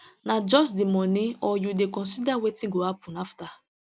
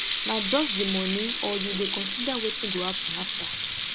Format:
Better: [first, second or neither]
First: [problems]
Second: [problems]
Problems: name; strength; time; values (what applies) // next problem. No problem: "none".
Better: first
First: none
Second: background sound (Sink (filling or washing) / Water tap, faucet); 2 dB above the speech